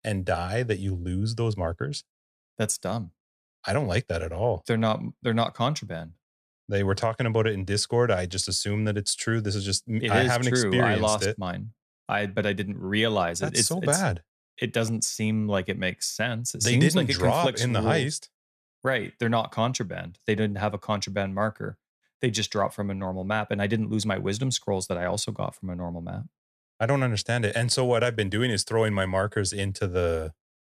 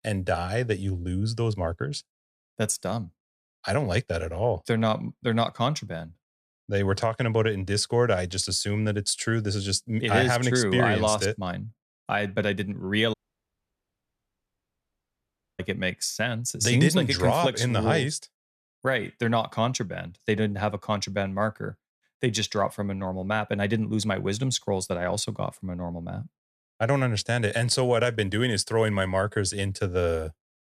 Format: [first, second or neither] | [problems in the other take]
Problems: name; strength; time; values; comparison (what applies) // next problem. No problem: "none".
first | audio cutting out; at 13 s for 2.5 s